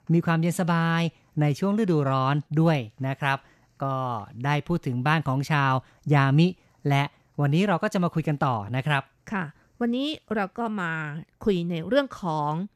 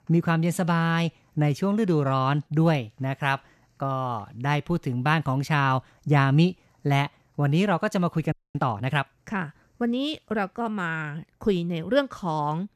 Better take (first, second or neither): first